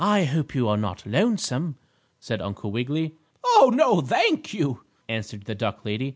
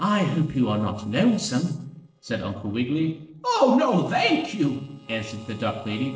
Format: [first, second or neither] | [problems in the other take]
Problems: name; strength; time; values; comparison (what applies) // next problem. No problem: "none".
first | noise reduction (neural separator model SepFormer DNS4)